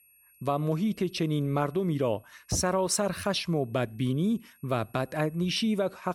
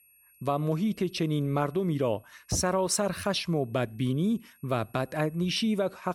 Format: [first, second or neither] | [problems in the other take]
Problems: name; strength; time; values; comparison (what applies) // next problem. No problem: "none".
neither | high-pitched whine; faint; throughout; 11.5 kHz, 30 dB below the speech; the same in both